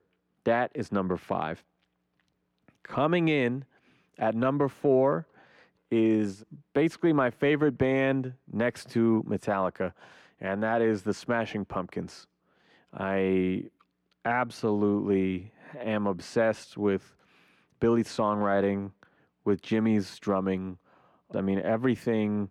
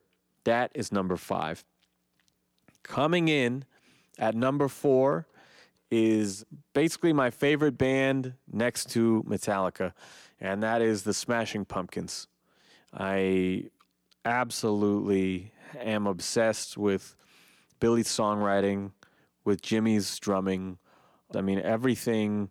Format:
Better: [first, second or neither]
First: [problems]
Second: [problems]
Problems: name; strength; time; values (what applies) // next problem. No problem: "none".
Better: second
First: muffled; slightly; fading above 4 kHz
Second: none